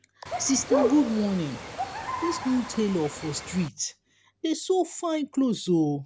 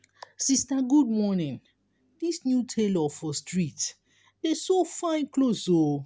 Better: second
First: background sound (Bird); 4 dB below the speech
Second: none

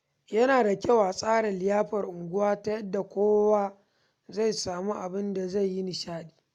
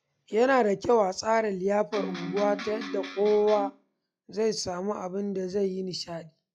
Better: first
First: none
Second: noise reduction (classical method log-MMSE)

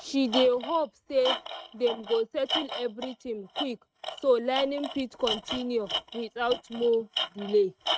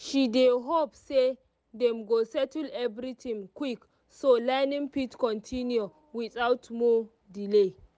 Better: second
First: noise reduction (neural mask model RNNoise)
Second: none

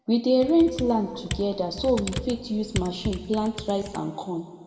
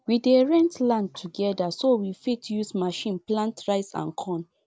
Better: second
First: background sound (Computer keyboard); 10 dB below the speech // room echo; dies away in 1.8 s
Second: none

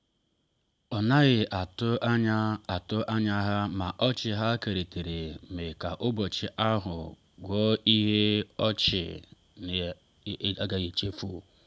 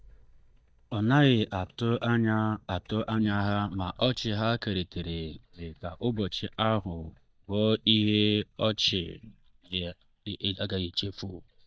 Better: first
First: none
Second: noise reduction (neural mask model DeepFilterNet 3)

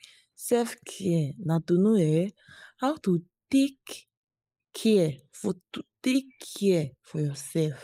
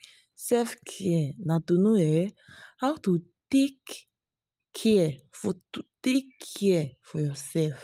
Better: second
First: noise reduction (neural mask model Resemble Enhance denoiser)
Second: none

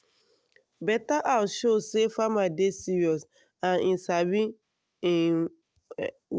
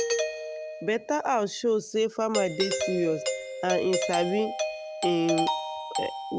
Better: first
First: none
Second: background sound (Doorbell); 3 dB below the speech

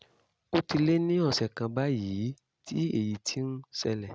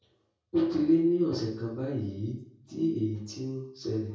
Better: first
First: none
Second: room echo; dies away in 0.6 s

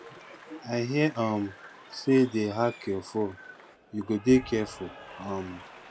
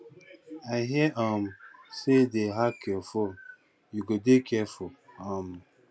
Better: second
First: background sound (Applause / Cheering); 20 dB below the speech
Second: none

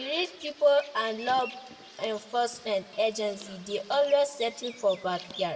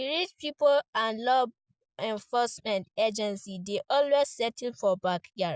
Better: second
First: background sound (Bird vocalization, bird call, bird song); 18 dB below the speech // room echo; dies away in 0.9 s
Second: none

